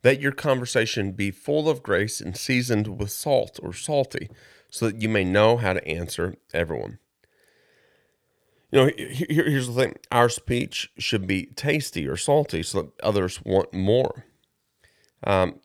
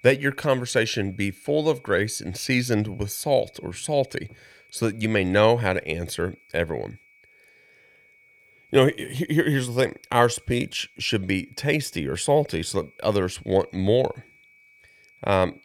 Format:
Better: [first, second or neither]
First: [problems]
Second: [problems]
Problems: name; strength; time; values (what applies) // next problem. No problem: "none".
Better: first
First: none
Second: high-pitched whine; faint; throughout; 2.5 kHz, 30 dB below the speech